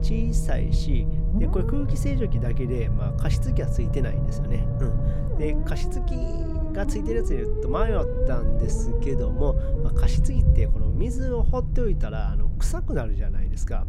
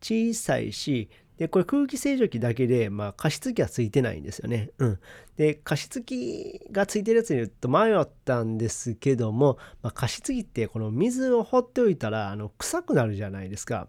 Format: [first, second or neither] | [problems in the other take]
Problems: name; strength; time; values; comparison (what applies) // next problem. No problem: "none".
second | low rumble; loud; throughout; 2 dB below the speech